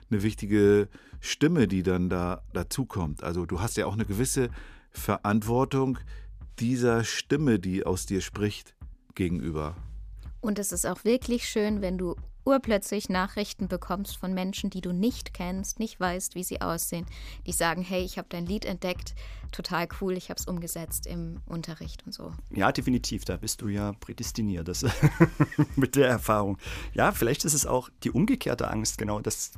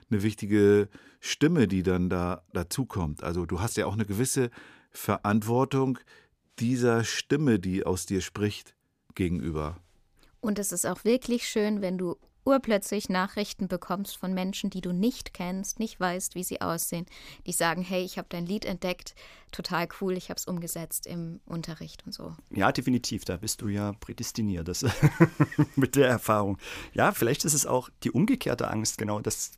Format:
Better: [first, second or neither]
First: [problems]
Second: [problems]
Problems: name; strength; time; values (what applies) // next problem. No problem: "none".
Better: second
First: background music; noticeable; throughout; 20 dB below the speech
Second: none